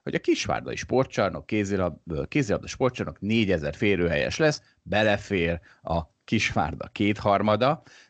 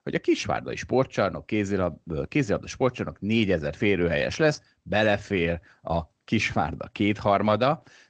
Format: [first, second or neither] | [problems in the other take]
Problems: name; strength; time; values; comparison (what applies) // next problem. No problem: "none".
first | garbled, watery; slightly